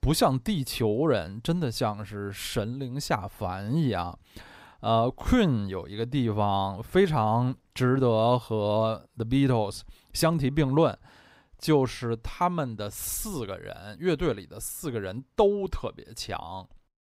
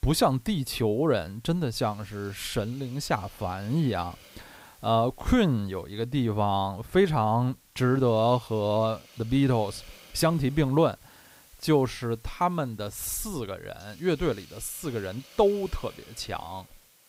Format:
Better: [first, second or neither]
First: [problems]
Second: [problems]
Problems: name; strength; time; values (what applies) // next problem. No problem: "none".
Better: first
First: none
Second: hiss; faint; throughout; 25 dB below the speech